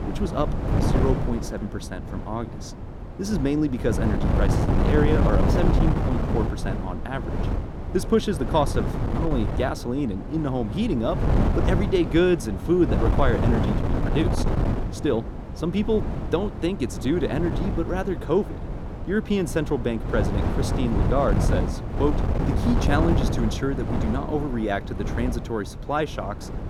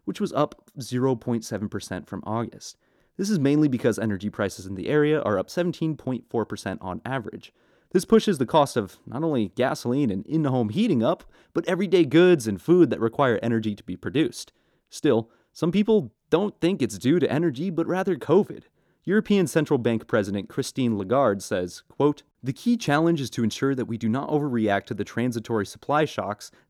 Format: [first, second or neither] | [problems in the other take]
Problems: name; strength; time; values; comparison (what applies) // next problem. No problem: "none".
second | wind noise on the microphone; heavy; 4 dB below the speech